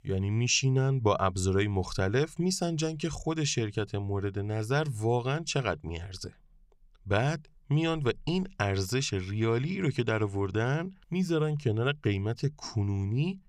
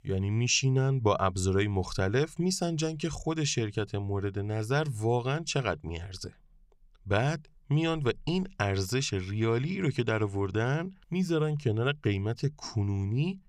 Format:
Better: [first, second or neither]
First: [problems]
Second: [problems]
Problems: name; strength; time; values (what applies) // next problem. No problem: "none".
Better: neither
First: none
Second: none